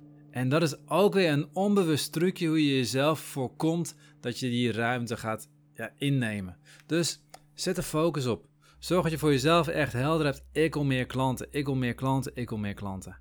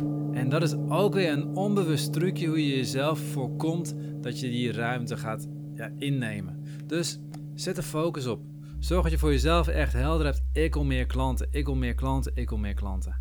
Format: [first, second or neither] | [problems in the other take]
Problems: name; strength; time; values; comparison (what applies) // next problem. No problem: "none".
first | background music; loud; throughout; 3 dB below the speech; faint in the first